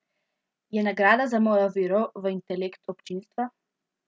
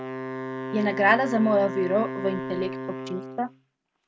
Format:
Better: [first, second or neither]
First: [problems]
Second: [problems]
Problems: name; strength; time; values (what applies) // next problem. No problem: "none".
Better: first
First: none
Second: background sound (Wind instrument, woodwind instrument); 7 dB below the speech